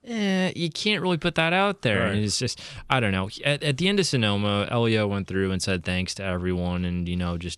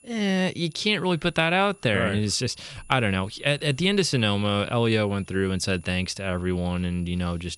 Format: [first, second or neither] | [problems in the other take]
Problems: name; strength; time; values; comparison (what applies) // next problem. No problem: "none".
first | high-pitched whine; faint; throughout; 10 kHz, 30 dB below the speech